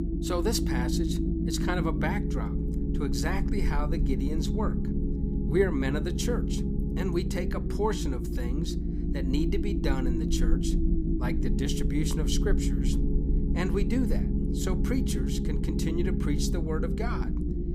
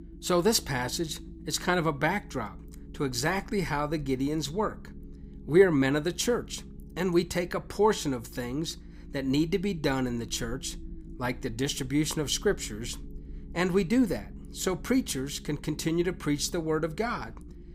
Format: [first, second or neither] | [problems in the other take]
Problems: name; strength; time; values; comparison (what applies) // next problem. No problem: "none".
second | low rumble; loud; throughout; 3 dB below the speech; faint in the second